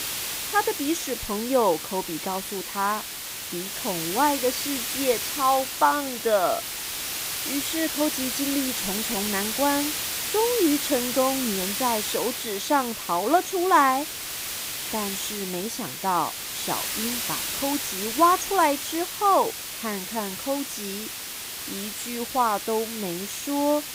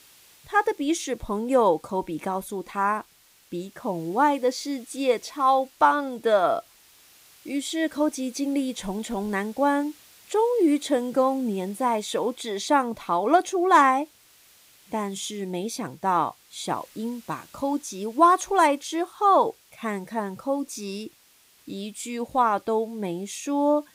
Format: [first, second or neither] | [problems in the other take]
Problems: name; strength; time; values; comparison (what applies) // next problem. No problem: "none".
second | hiss; loud; throughout; 3 dB below the speech; faint in the second